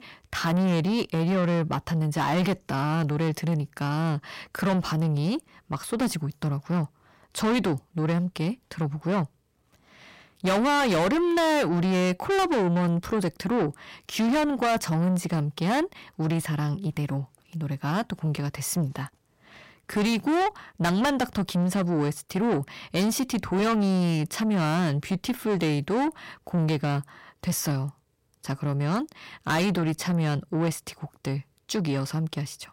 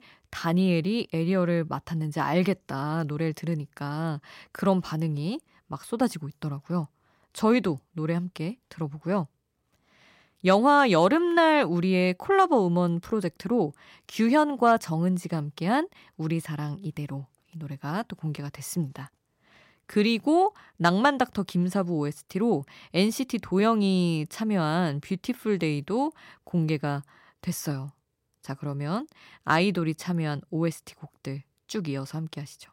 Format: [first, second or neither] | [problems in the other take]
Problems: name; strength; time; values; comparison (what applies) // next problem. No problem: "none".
second | distortion; heavy; 6 dB below the speech